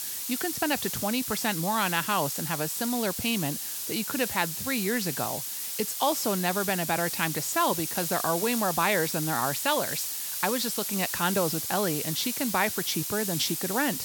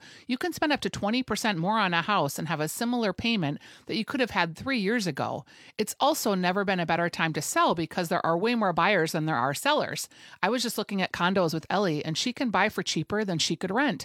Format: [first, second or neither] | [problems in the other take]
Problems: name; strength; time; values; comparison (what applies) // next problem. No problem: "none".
second | hiss; loud; throughout; 2 dB below the speech